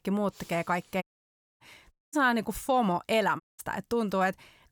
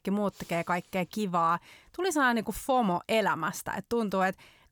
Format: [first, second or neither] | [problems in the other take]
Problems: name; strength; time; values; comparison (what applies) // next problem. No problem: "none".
second | audio cutting out; at 1 s for 0.5 s, at 2 s and at 3.5 s